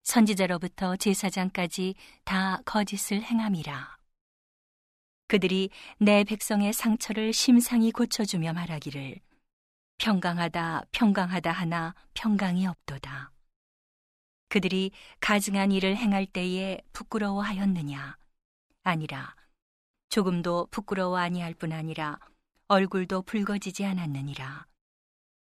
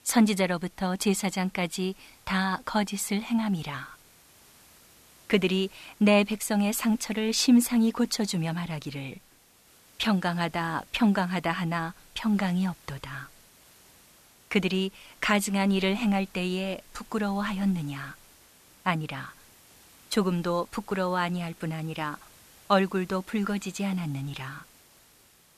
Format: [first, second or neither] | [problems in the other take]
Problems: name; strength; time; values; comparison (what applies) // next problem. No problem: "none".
first | hiss; faint; throughout; 25 dB below the speech